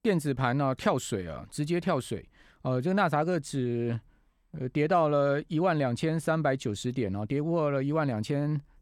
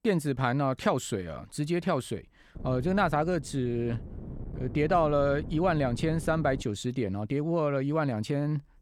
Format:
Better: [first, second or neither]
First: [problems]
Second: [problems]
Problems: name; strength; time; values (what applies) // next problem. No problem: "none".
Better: first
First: none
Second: wind noise on the microphone; occasional gusts; from 2.5 to 6.5 s; 20 dB below the speech